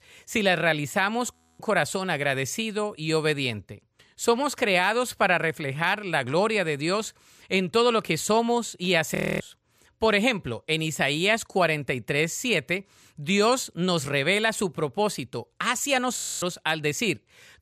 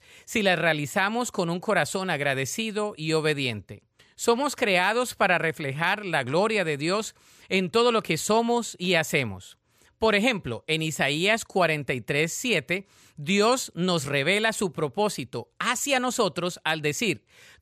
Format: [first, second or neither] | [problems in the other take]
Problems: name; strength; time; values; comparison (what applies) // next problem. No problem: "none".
second | audio freezing; at 1.5 s, at 9 s and at 16 s